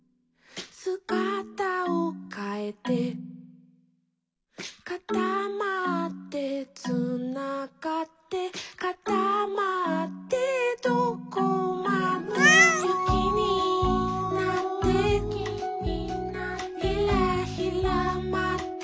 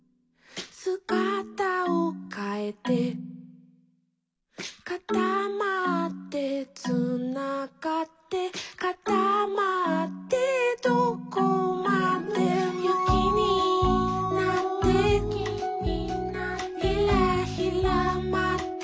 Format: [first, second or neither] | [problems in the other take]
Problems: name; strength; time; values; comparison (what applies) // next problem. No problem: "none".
second | background sound (Meow); 2 dB above the speech